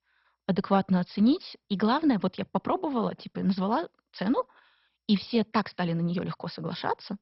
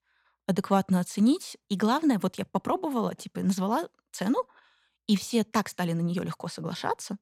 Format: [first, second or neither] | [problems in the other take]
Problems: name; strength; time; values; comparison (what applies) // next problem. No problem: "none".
second | garbled, watery; badly; nothing above 5.5 kHz